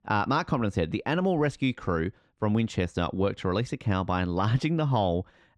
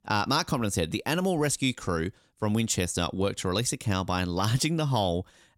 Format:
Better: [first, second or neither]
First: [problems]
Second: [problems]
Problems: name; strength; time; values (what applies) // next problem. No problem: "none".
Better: second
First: muffled; very; fading above 2.5 kHz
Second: none